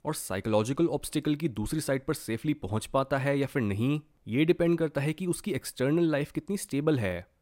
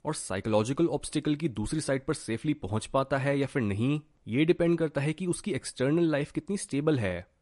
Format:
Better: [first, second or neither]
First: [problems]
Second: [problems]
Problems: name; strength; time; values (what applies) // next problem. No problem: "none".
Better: first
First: none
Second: garbled, watery; slightly; nothing above 10.5 kHz